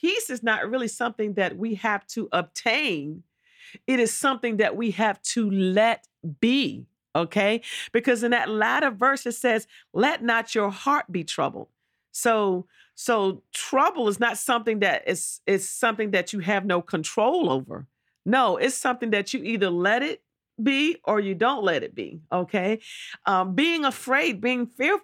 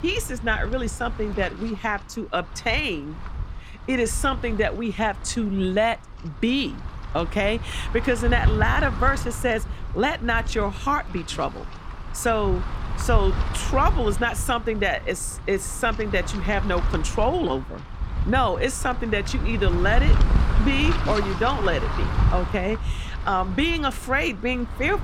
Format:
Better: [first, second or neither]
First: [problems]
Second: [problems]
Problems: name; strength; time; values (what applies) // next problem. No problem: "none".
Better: first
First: none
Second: wind noise on the microphone; occasional gusts; 10 dB below the speech